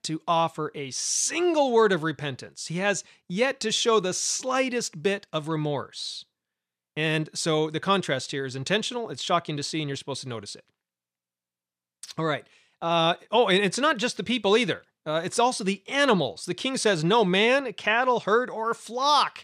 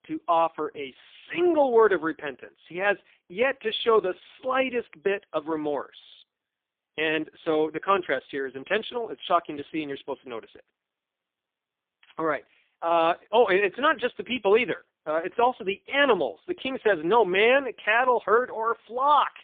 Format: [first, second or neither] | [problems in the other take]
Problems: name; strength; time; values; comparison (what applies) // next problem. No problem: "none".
first | phone-call audio; poor line; nothing above 3.5 kHz